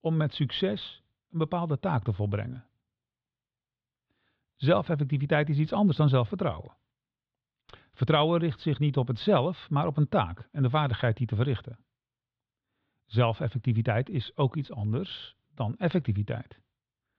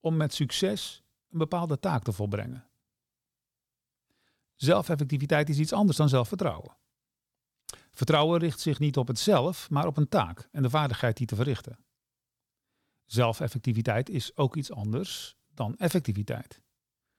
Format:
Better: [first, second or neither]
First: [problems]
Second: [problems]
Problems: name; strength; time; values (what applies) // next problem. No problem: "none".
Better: second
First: muffled; very; fading above 3.5 kHz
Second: none